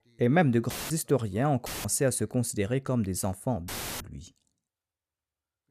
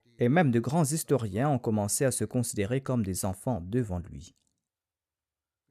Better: second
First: audio cutting out; filled with static; at 0.5 s, at 1.5 s and at 3.5 s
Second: none

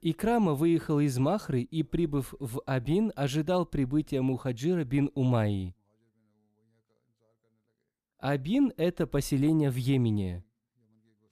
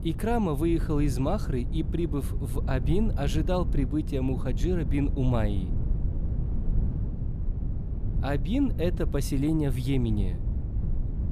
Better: first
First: none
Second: low rumble; noticeable; throughout; 10 dB below the speech

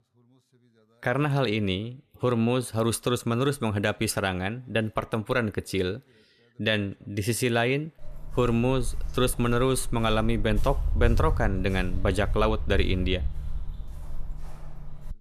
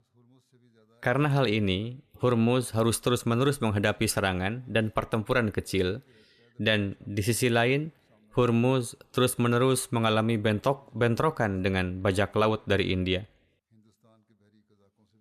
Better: second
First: footsteps; noticeable; from 8 s on; peak level with the speech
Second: none

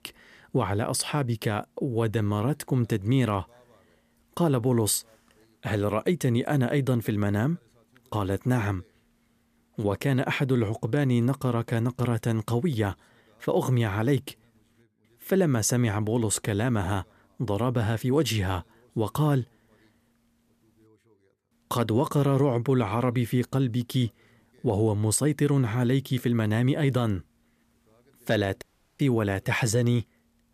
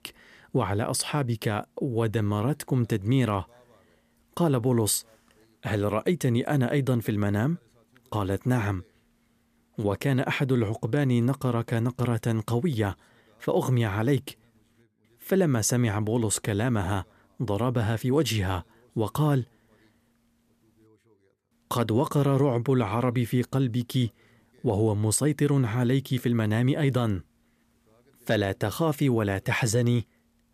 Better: second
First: audio cutting out; at 29 s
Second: none

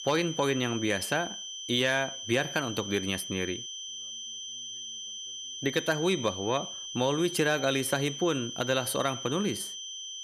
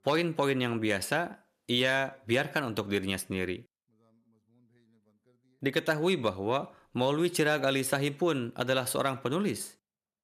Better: second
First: high-pitched whine; loud; throughout; 3 kHz, 7 dB below the speech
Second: none

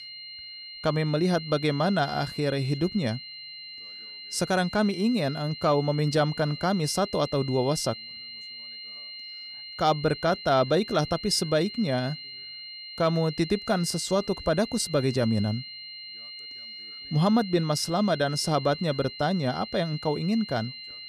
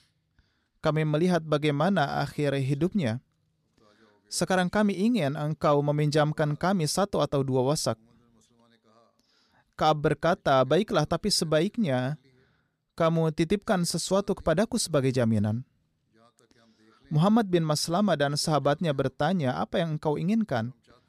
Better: second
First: high-pitched whine; noticeable; throughout; 4 kHz, 10 dB below the speech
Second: none

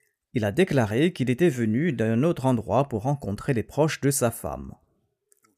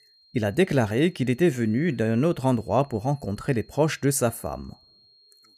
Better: first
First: none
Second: high-pitched whine; faint; throughout; 4 kHz, 30 dB below the speech

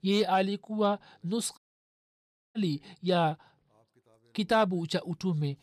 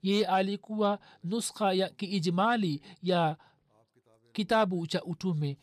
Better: second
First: audio cutting out; at 1.5 s for 1 s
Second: none

